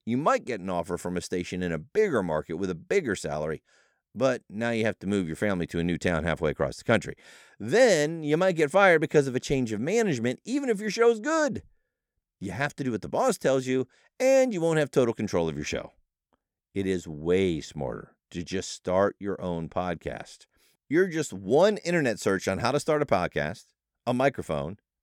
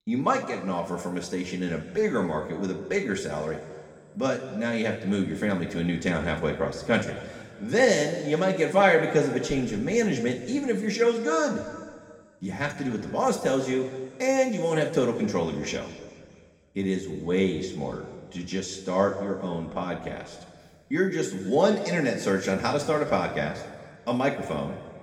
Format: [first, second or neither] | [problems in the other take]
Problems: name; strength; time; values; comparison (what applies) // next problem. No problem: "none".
first | room echo; noticeable; dies away in 1.6 s // off-mic speech; far